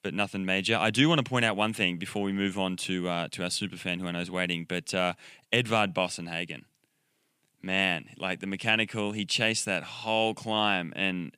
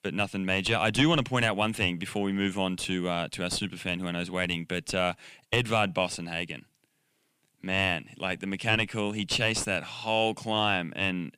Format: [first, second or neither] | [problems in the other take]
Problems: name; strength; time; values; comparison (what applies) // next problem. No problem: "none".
first | distortion; slight; 10 dB below the speech